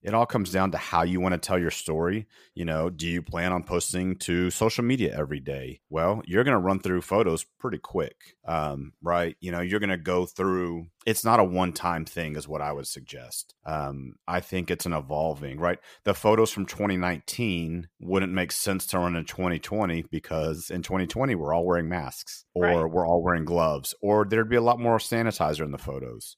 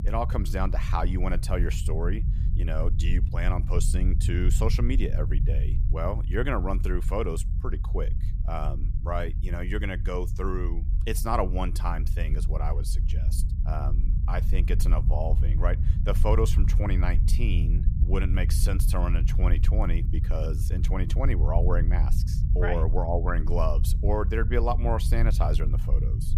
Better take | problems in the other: first | low rumble; noticeable; throughout; 10 dB below the speech

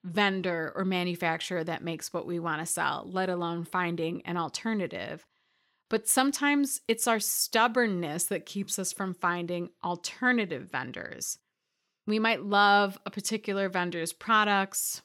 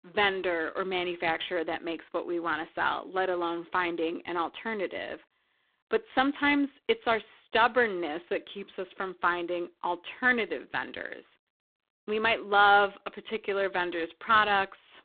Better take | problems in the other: first | phone-call audio; poor line; nothing above 3.5 kHz

